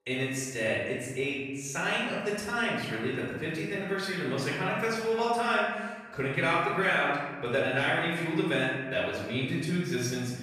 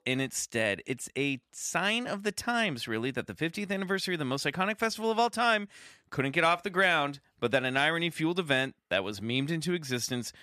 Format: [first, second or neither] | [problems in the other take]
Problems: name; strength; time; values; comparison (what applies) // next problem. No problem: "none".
second | off-mic speech; far // room echo; noticeable; dies away in 1.3 s